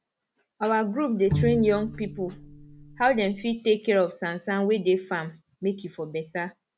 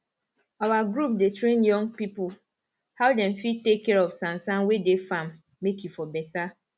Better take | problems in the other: second | background sound (Bowed string instrument); 6 dB below the speech

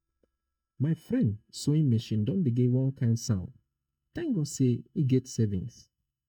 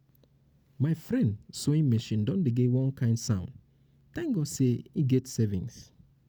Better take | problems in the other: second | noise reduction (neural mask model DeepFilterNet 3)

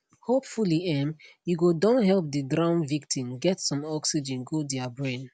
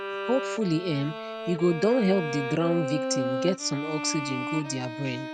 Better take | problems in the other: first | background sound (Bowed string instrument); 5 dB below the speech

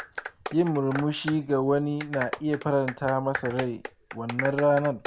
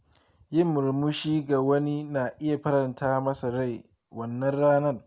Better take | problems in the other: second | background sound (Clapping); 11 dB below the speech

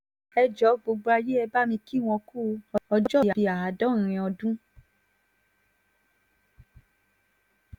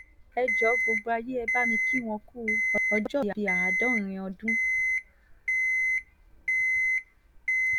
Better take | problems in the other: first | background sound (Alarm); 5 dB above the speech

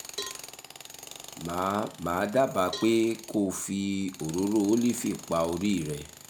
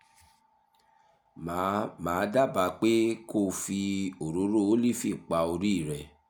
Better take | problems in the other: second | background sound (Tools + Cowbell); 15 dB below the speech

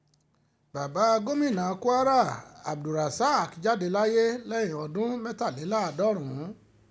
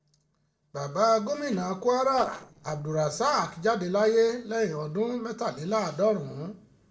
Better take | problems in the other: first | noise reduction (neural separator model SepFormer DNS4)

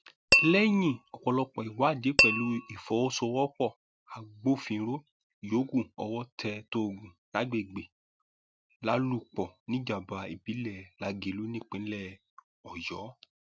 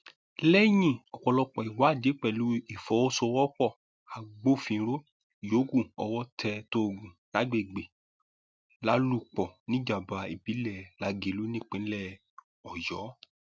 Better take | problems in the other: second | background sound (Tap / Glass); 3 dB above the speech

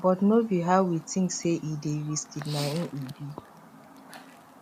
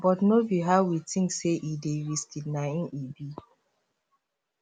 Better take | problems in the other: second | background sound (Chirp, tweet); 18 dB below the speech

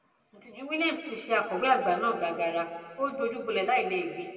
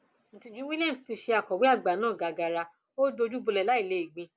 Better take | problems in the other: second | room echo; dies away in 1.9 s

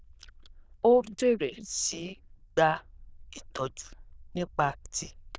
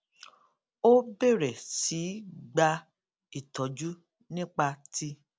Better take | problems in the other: second | noise reduction (neural diffusion model UNIVERSE++)

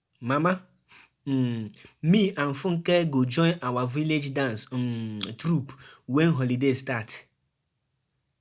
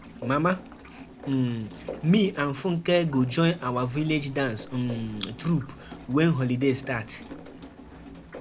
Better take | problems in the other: first | background sound (Rain); 16 dB below the speech

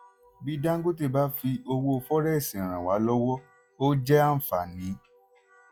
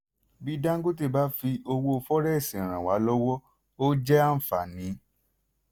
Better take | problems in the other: second | noise reduction (classical method log-MMSE)

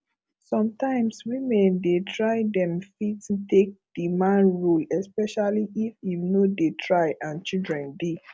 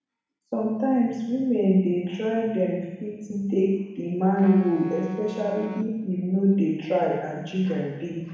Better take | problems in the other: first | background sound (Wind instrument, woodwind instrument); 14 dB below the speech // room echo; dies away in 1.1 s

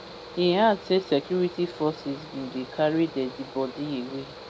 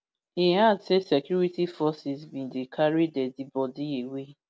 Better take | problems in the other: second | background sound (Mechanical fan); 15 dB below the speech

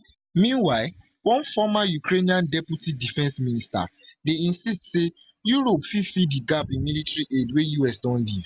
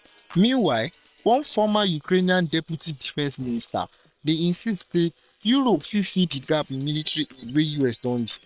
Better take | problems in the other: first | noise reduction (neural separator model SepFormer WHAM!)

